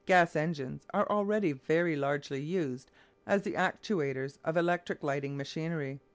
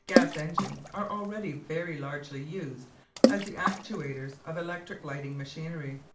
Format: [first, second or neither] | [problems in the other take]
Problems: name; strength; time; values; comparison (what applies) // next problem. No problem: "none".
first | background sound (Water / Splash, splatter); 4 dB above the speech // room echo; dies away in 0.4 s